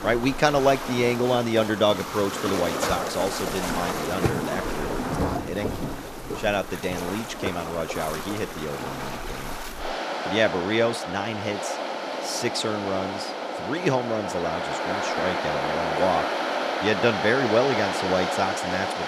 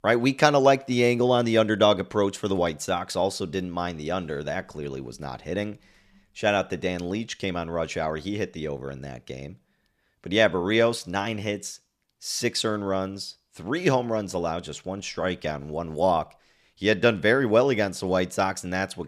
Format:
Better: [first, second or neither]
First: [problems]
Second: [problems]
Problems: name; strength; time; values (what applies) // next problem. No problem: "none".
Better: second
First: rain or running water; loud; throughout; 3 dB below the speech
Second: none